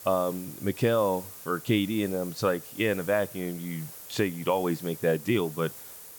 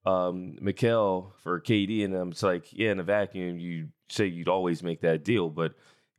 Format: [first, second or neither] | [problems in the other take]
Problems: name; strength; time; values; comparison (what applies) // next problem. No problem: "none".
second | hiss; noticeable; throughout; 15 dB below the speech